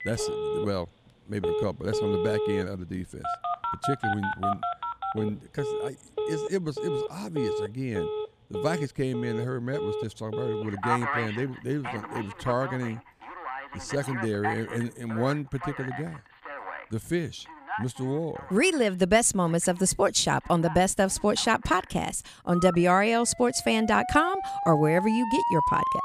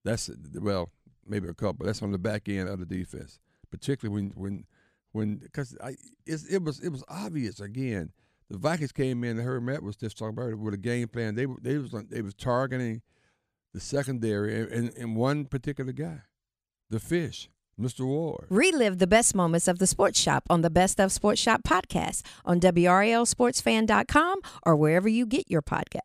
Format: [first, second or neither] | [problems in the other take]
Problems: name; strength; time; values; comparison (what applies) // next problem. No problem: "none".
second | alarms or sirens; loud; throughout; 5 dB below the speech